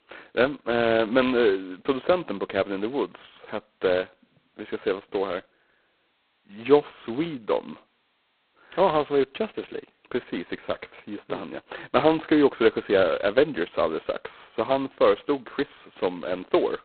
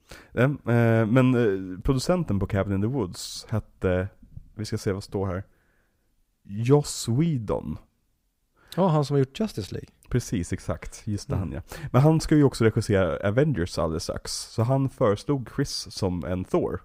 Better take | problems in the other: second | phone-call audio; poor line; nothing above 4 kHz

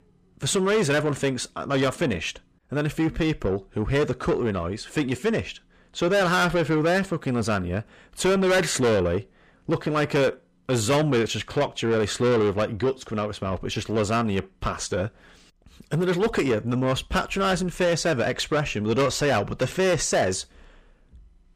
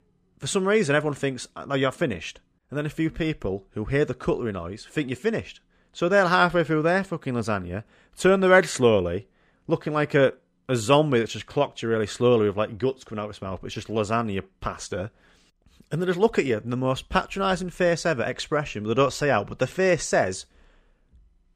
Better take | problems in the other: second | distortion; heavy; 7 dB below the speech

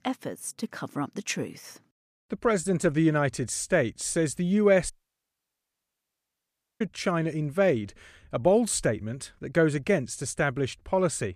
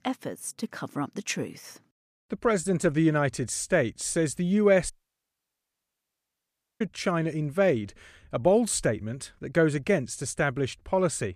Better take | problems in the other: neither | audio cutting out; at 5 s for 2 s; the same in both

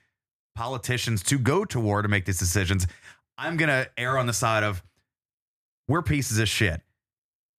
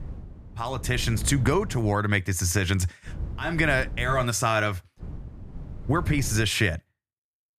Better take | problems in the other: first | wind noise on the microphone; occasional gusts; until 2 s, from 3 to 4 s and from 5 to 6.5 s; 20 dB below the speech

